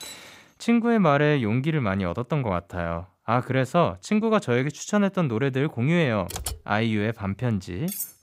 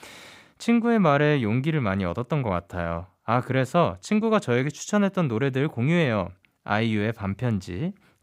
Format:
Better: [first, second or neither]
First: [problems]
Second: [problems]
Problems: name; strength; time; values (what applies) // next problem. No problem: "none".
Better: second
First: clattering dishes; faint; at the start; peak 15 dB below the speech // keyboard typing; noticeable; at 6.5 s; peak 8 dB below the speech // clattering dishes; very faint; at 8 s; peak 8 dB below the speech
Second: none